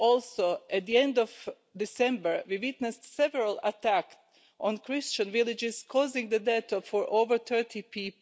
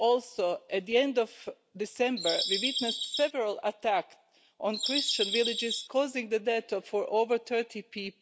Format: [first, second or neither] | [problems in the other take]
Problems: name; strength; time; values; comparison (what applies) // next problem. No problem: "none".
first | background sound (Bird vocalization, bird call, bird song); 2 dB below the speech